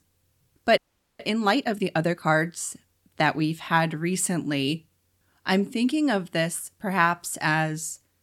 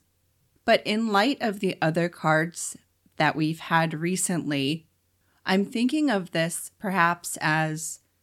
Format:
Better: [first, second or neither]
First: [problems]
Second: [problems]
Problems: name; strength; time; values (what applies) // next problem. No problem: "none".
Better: second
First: audio freezing; at 1 s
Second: none